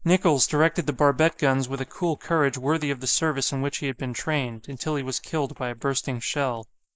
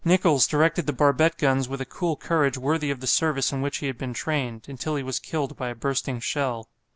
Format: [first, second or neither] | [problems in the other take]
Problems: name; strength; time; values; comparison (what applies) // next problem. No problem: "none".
second | noise reduction (neural mask model Resemble Enhance denoiser)